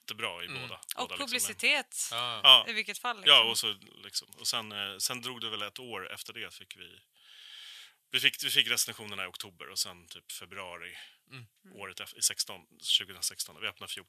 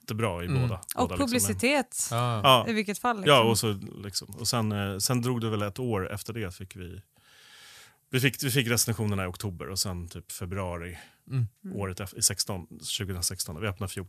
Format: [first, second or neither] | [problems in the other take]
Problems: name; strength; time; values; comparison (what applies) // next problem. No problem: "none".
second | thin; somewhat; fading below 1 kHz